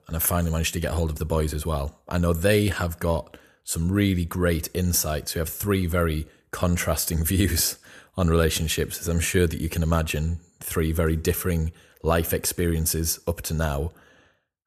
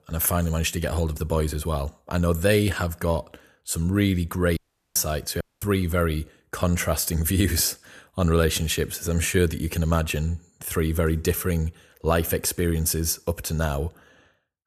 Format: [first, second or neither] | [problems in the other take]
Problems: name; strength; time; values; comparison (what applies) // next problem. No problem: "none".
first | audio cutting out; at 4.5 s and at 5.5 s